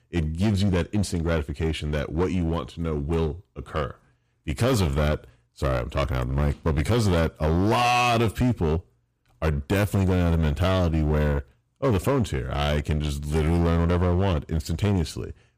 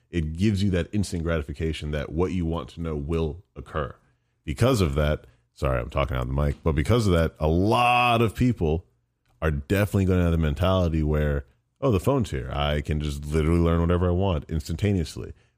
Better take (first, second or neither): second